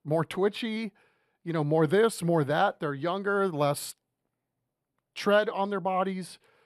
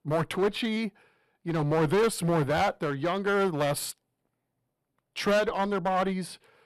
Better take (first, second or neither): first